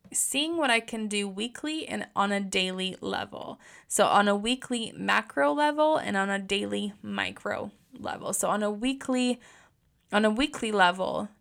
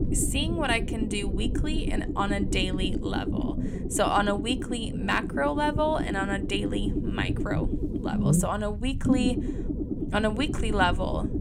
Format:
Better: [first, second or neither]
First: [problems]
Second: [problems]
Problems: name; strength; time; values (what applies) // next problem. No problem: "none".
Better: first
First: none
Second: low rumble; loud; throughout; 7 dB below the speech